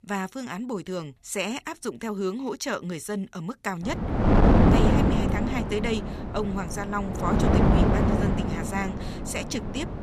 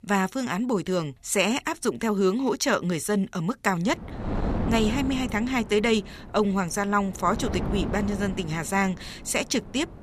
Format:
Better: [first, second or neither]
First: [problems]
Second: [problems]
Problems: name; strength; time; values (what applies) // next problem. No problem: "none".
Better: second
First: wind noise on the microphone; heavy; from 4 s on; 5 dB above the speech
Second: wind noise on the microphone; occasional gusts; from 4 s on; 10 dB below the speech